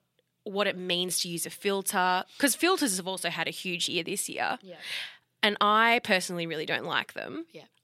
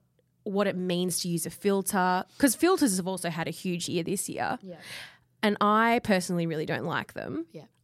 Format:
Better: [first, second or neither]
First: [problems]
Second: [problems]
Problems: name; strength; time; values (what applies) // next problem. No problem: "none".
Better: second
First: thin; very slightly; fading below 850 Hz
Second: none